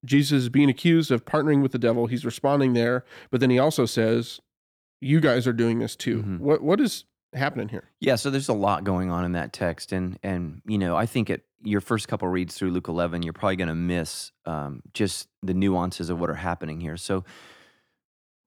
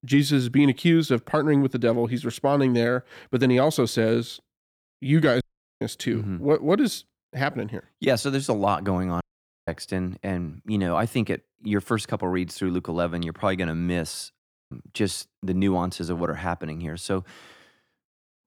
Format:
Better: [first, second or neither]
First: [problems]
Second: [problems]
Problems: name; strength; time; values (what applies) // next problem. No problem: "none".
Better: first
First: none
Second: audio cutting out; at 5.5 s, at 9 s and at 14 s